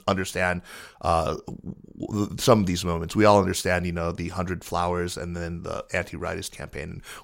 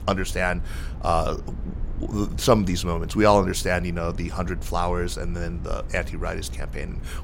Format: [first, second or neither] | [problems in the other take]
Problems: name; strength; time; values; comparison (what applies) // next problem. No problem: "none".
first | low rumble; faint; throughout; 25 dB below the speech